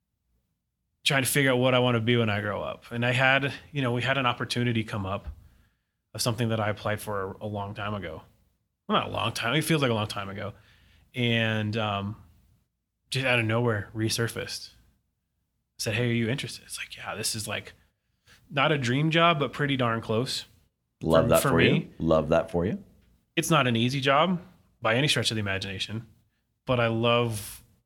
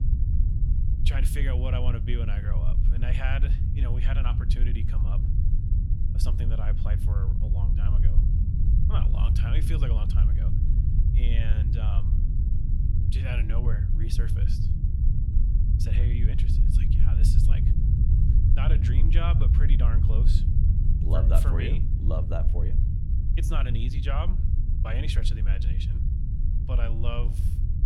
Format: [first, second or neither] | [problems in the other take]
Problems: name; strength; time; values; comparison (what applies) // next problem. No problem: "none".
first | low rumble; loud; throughout; 3 dB below the speech